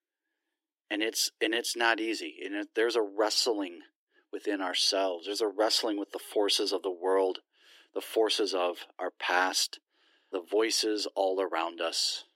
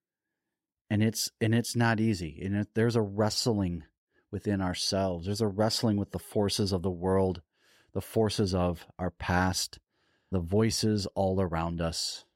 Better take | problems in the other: second | thin; very; fading below 300 Hz

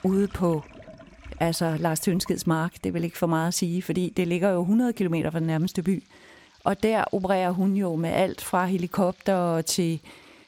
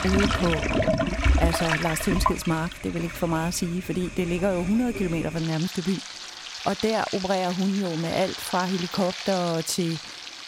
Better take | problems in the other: first | household noises; loud; throughout; 3 dB below the speech; faint in the first

